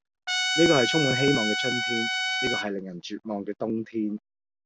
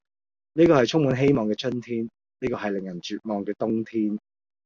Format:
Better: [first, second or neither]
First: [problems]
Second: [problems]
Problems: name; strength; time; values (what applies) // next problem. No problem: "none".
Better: second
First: background sound (Trumpet); as loud as the speech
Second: none